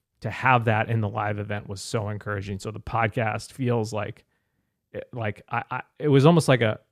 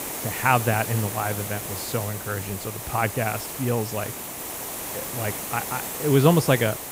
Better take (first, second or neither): first